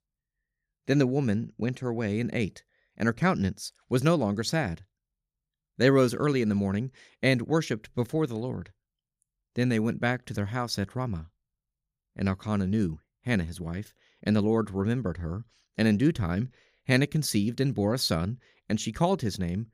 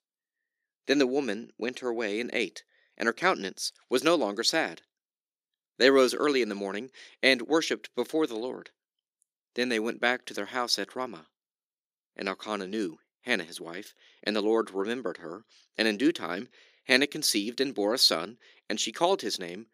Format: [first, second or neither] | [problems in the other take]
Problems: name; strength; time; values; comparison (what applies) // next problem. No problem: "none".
first | thin; somewhat; fading below 300 Hz